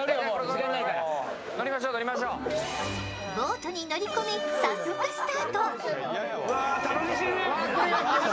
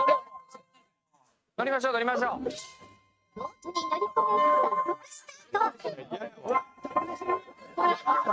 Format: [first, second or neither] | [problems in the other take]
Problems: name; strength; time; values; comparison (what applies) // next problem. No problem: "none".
first | noise reduction (neural mask model RNNoise)